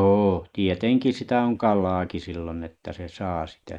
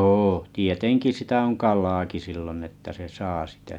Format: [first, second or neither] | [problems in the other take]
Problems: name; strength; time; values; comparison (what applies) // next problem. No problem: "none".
second | noise reduction (neural mask model Resemble Enhance denoiser)